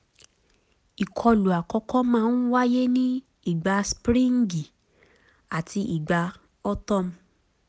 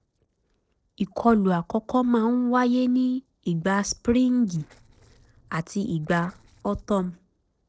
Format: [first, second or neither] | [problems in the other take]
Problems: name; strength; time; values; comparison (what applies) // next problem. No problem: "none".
first | noise reduction (neural separator model SepFormer DNS4)